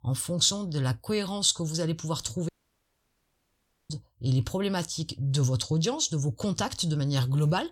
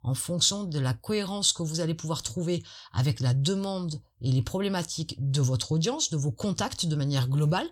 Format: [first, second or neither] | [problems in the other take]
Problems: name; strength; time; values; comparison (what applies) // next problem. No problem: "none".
second | audio cutting out; at 2.5 s for 1.5 s